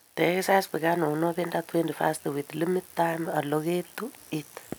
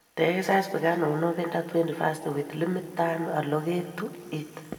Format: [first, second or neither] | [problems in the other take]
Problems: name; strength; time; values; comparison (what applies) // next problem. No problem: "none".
first | room echo; dies away in 1.8 s